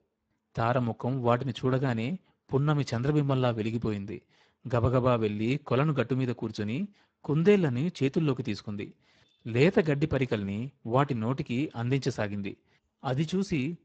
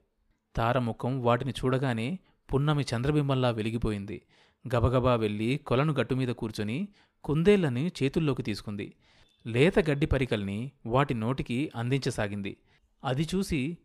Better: second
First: garbled, watery; badly; nothing above 7.5 kHz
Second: none

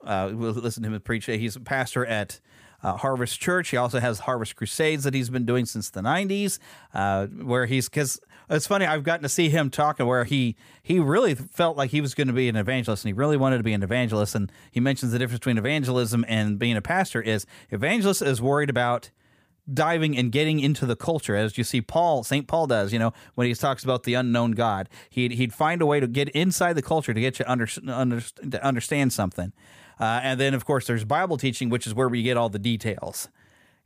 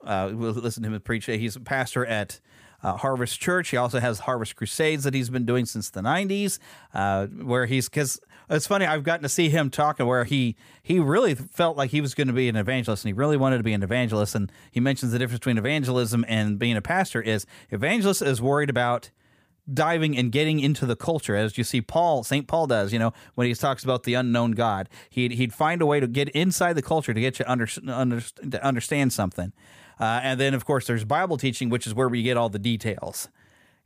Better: neither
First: none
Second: none

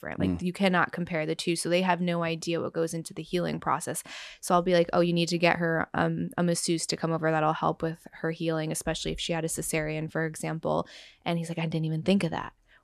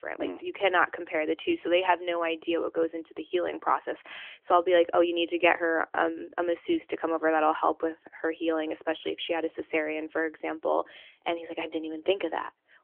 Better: first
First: none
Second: phone-call audio; nothing above 3 kHz

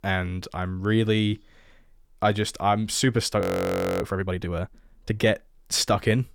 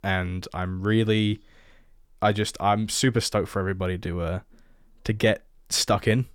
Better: second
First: audio freezing; at 3.5 s for 0.5 s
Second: none

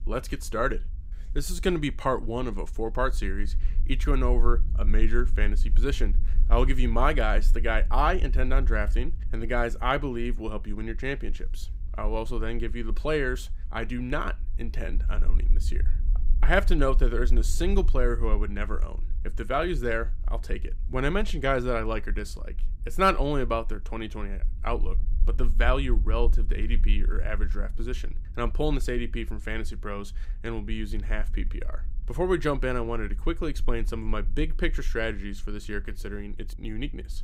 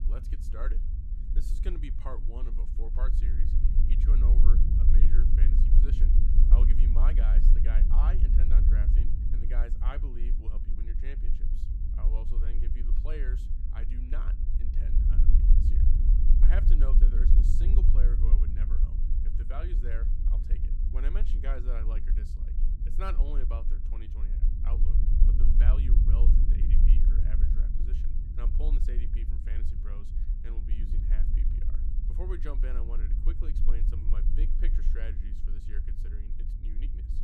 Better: first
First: low rumble; faint; throughout; 25 dB below the speech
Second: low rumble; loud; throughout; 2 dB below the speech

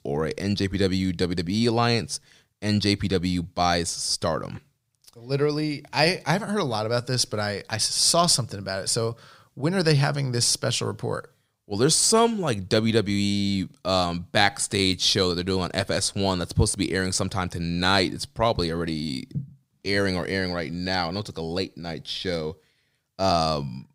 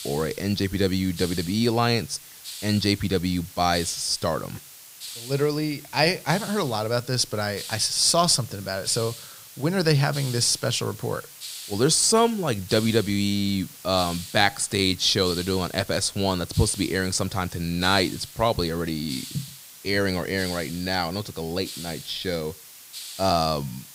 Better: first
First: none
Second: hiss; noticeable; throughout; 15 dB below the speech

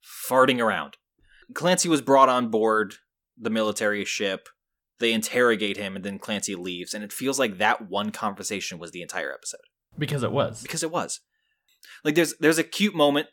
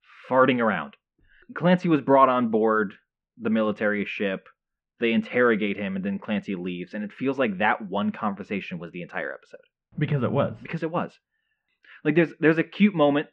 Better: first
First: none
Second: muffled; very; fading above 2.5 kHz

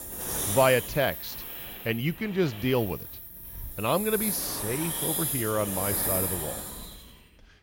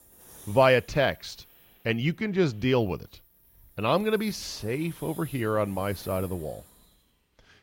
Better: second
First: hiss; loud; throughout; 2 dB below the speech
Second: hiss; faint; throughout; 20 dB below the speech

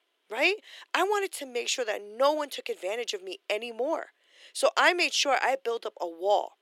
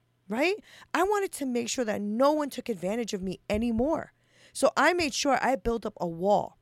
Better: second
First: thin; very; fading below 350 Hz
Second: none

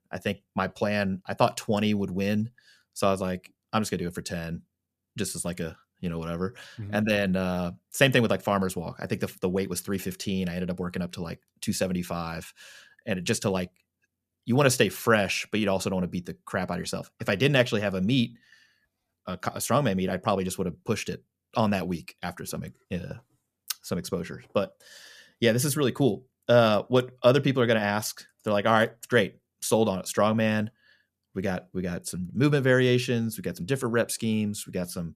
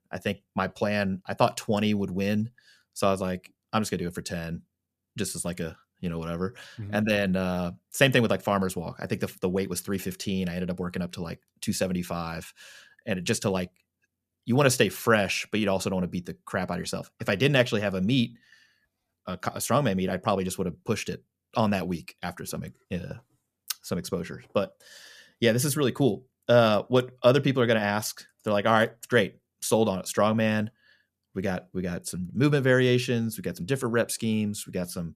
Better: neither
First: none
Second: none

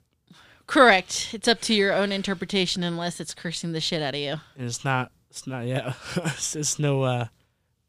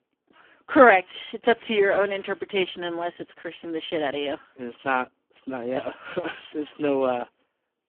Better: first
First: none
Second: phone-call audio; poor line; nothing above 3 kHz

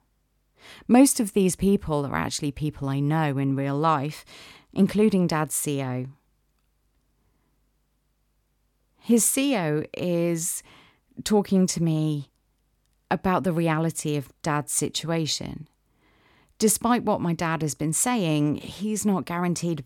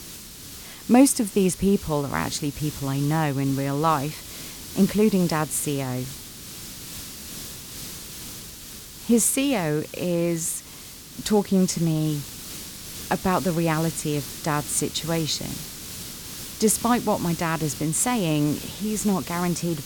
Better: first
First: none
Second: hiss; noticeable; throughout; 10 dB below the speech

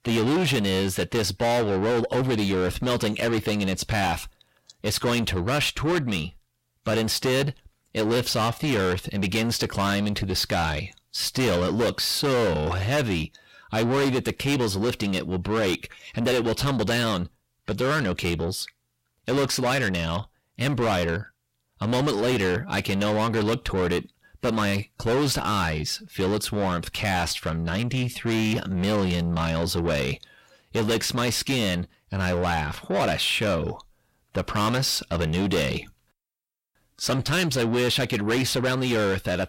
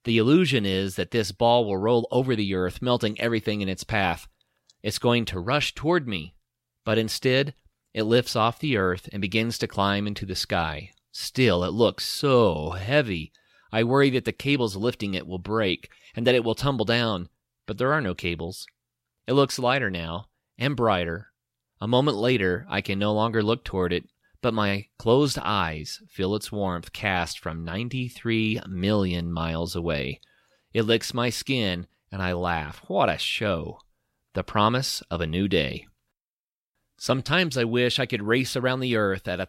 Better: second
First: distortion; heavy; 6 dB below the speech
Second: none

